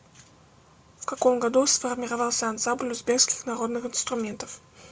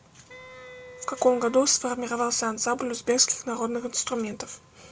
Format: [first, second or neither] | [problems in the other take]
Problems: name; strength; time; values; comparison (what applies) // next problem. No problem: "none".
first | background sound (Wind instrument, woodwind instrument); 19 dB below the speech